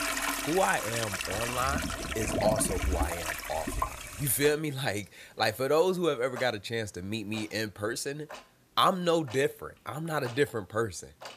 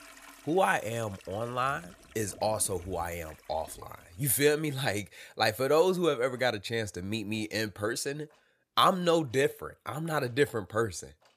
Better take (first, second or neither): second